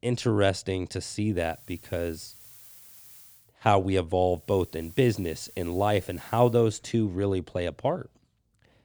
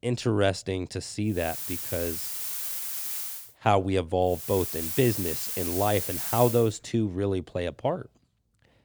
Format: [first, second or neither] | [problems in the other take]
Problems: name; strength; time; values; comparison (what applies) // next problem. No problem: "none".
first | hiss; loud; from 1.5 to 3.5 s and from 4.5 to 6.5 s; 3 dB below the speech; faint in the first